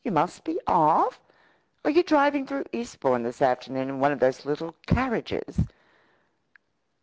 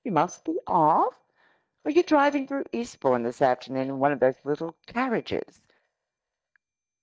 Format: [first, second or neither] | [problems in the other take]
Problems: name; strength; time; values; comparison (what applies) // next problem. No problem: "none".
first | noise reduction (neural mask model DeepFilterNet 3)